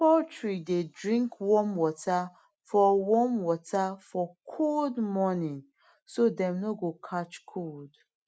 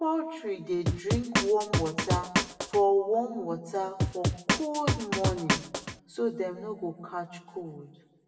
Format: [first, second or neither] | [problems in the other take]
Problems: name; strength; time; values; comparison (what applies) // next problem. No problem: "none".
first | background sound (Drum); 2 dB above the speech // room echo; dies away in 1 s